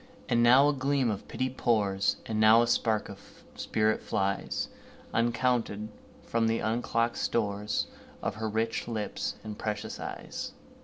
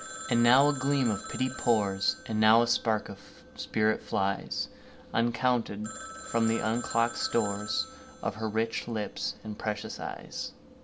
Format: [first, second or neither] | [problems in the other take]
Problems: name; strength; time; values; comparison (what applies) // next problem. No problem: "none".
first | background sound (Telephone); 15 dB below the speech